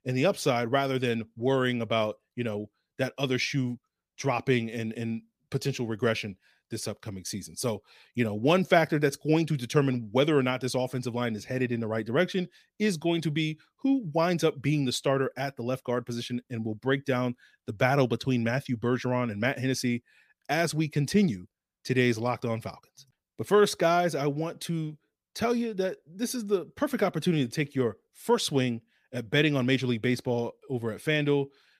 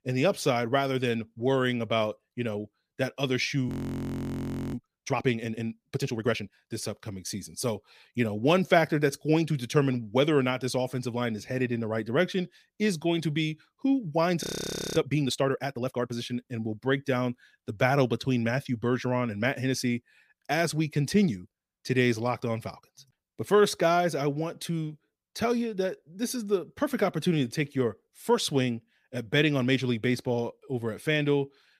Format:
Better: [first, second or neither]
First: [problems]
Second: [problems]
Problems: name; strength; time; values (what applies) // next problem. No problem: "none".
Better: first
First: none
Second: audio freezing; at 3.5 s for 1 s and at 14 s for 0.5 s